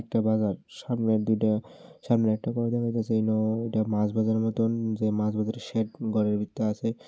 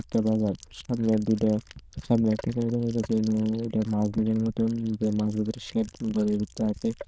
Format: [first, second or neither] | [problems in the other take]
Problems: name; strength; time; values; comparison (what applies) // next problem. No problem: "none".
first | noise reduction (neural diffusion model UNIVERSE++)